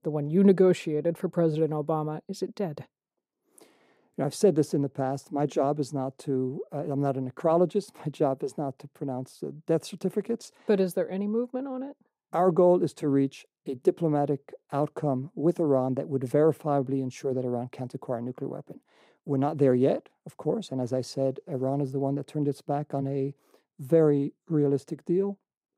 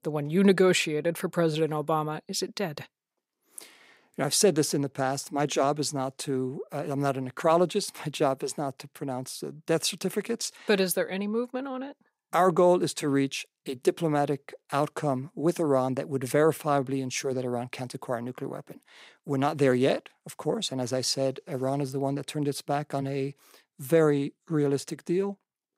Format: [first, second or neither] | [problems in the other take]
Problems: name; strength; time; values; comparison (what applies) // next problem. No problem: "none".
second | muffled; slightly; fading above 1 kHz